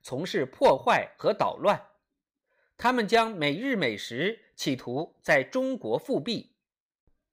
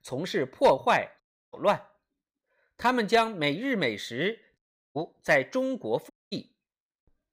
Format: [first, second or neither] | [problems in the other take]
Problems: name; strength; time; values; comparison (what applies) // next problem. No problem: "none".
first | audio cutting out; at 1 s, at 4.5 s and at 6 s